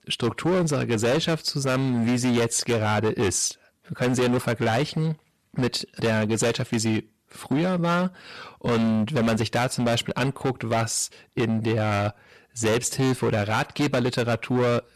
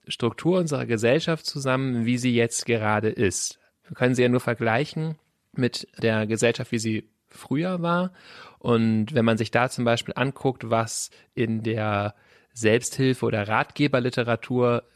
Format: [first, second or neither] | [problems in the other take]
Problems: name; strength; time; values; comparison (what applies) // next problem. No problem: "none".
second | distortion; heavy; 19% of the sound clipped